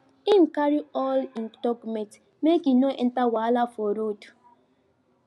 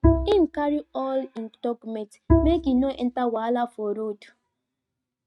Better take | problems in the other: first | noise reduction (neural mask model RNNoise)

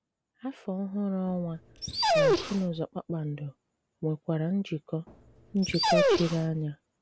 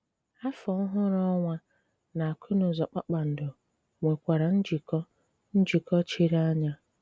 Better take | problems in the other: second | background sound (Dog); 4 dB above the speech

